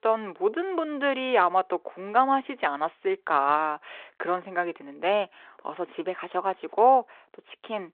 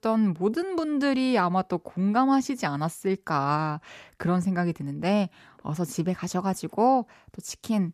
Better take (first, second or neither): second